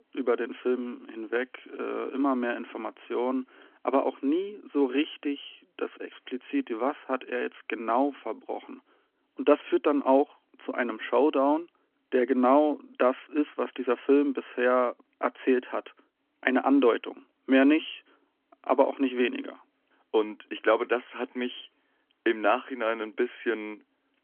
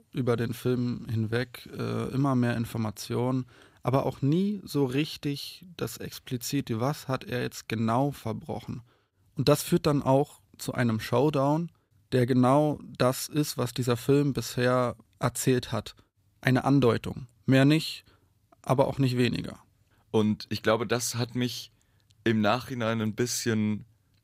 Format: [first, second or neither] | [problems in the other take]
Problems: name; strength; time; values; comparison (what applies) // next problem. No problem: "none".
second | phone-call audio; nothing above 3 kHz